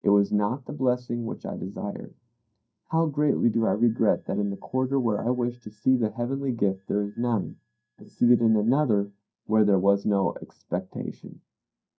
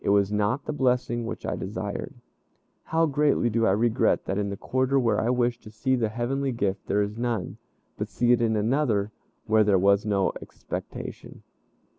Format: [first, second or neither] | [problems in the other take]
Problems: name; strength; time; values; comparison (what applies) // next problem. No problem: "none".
second | noise reduction (neural mask model DeepFilterNet 3)